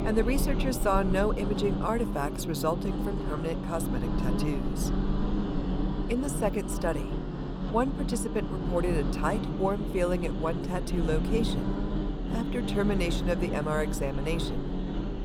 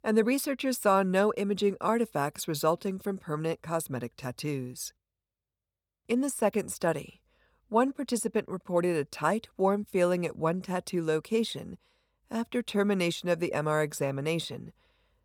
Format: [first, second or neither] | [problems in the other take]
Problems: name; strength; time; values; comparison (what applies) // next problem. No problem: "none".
second | low rumble; loud; throughout; 5 dB below the speech